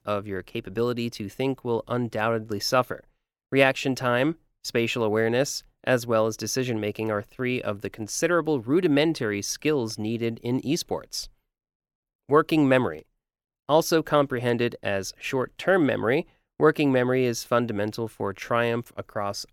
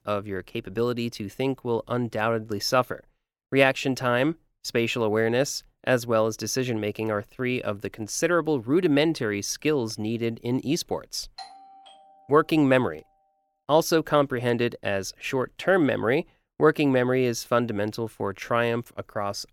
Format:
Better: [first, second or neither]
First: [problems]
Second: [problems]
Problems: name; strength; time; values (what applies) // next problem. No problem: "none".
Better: first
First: none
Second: doorbell; faint; at 11 s; peak 20 dB below the speech